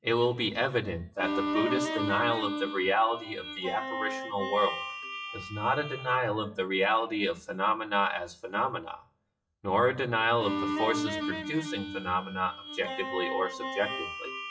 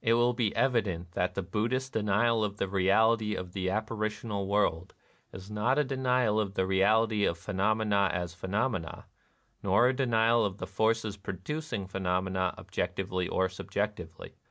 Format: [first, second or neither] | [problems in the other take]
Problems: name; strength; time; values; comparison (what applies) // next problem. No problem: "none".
second | noise reduction (classical method WPE with log-MMSE)